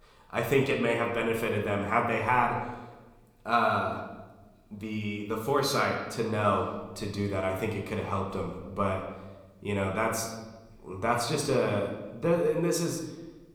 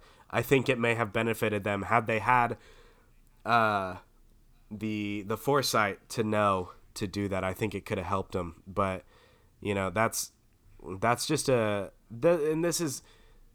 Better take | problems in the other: second | room echo; slight; dies away in 1 s // off-mic speech; somewhat distant

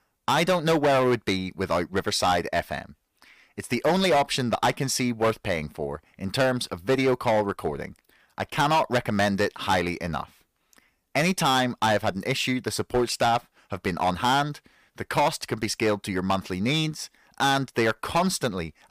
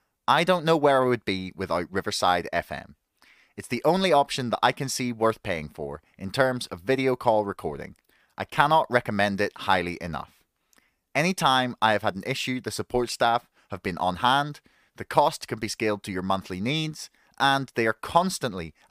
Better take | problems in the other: second | distortion; heavy; 7% of the sound clipped

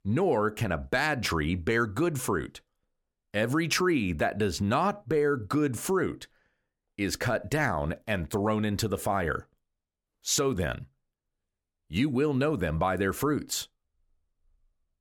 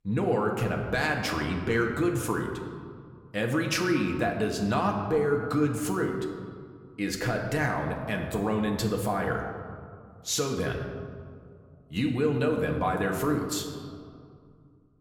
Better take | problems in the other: first | room echo; slight; dies away in 1.6 s

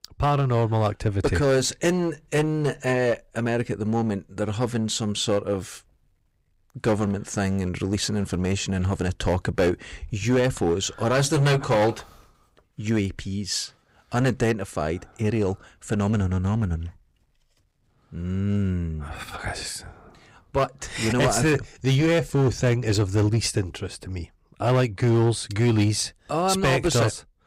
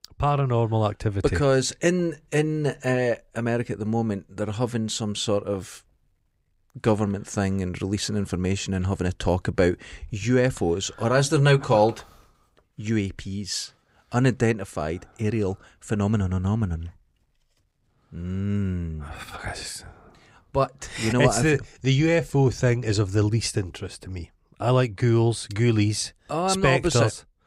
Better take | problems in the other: second | distortion; slight; 8% of the sound clipped

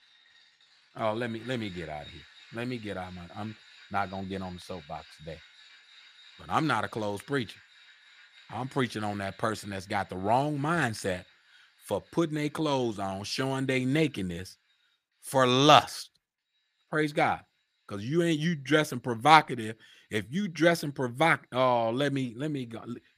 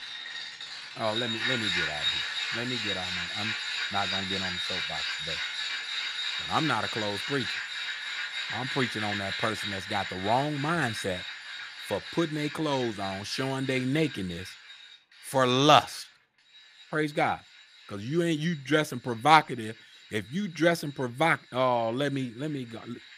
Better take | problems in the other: first | machinery noise; loud; throughout; 3 dB below the speech; faint in the first

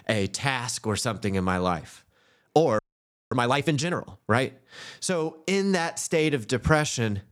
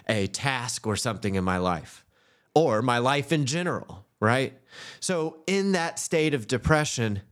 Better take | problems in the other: second | audio freezing; at 3 s for 0.5 s

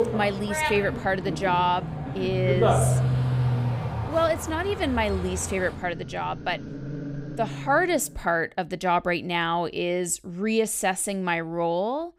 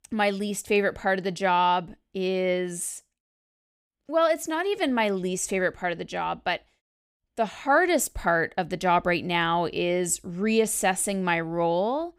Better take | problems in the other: second | animal sounds; loud; until 7.5 s; 2 dB below the speech

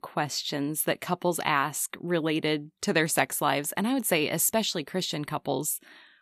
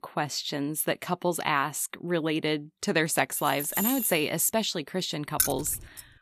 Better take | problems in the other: first | jangling keys; loud; at 3.5 s and at 5.5 s; peak 1 dB above the speech

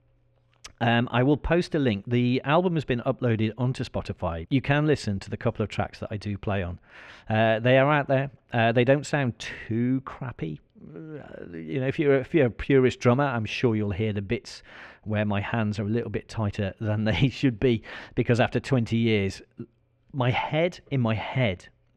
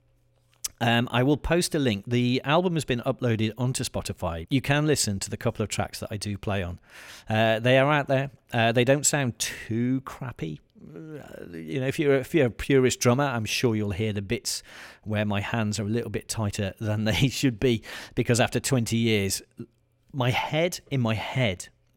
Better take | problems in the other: second | muffled; slightly; fading above 2.5 kHz

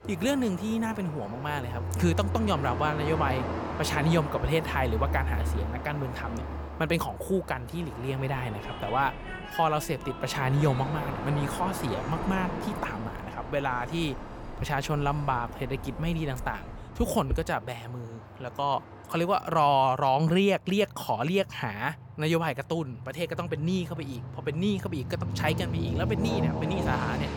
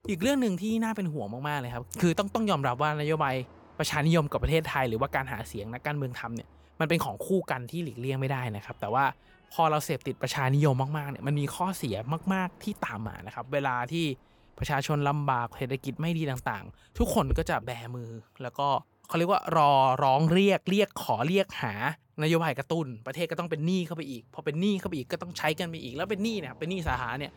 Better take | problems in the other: second | train or aircraft noise; loud; throughout; 6 dB below the speech; faint in the second

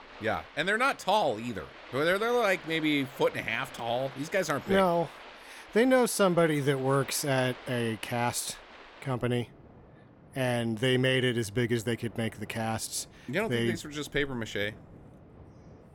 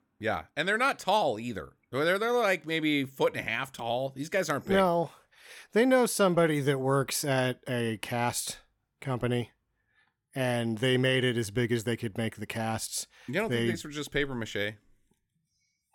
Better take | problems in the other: second | rain or running water; noticeable; throughout; 20 dB below the speech

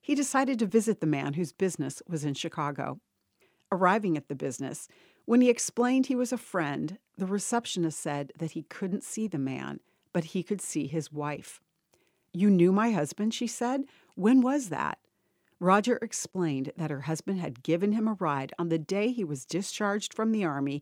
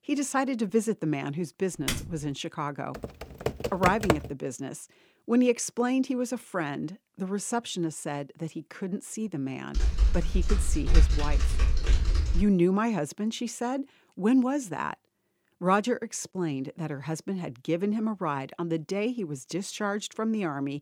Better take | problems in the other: first | keyboard typing; noticeable; at 2 s; peak 3 dB below the speech // keyboard typing; loud; from 3 to 4 s and from 10 to 12 s; peak 5 dB above the speech

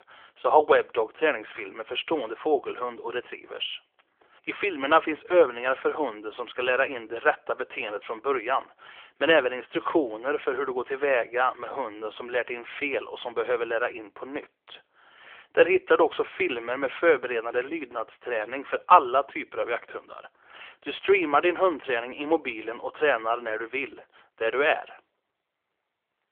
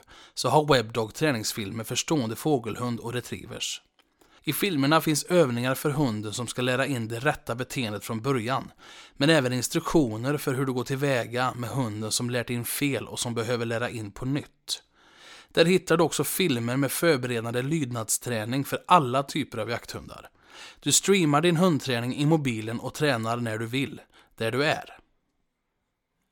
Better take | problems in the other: second | phone-call audio

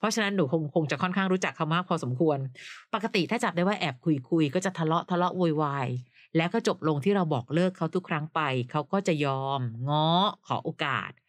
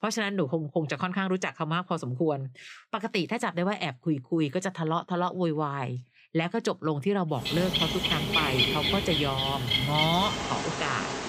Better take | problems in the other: first | animal sounds; very loud; from 7.5 s on; 2 dB above the speech

